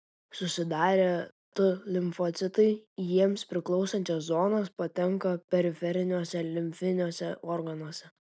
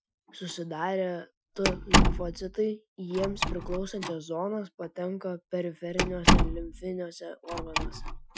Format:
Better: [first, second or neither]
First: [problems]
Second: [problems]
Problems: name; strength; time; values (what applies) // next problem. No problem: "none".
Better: first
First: none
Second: noise reduction (classical method Wiener filter)